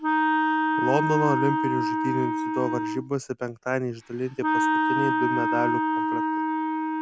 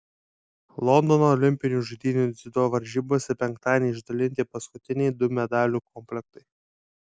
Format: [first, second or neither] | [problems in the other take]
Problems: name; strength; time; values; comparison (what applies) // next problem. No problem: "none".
second | background sound (Wind instrument, woodwind instrument); 4 dB above the speech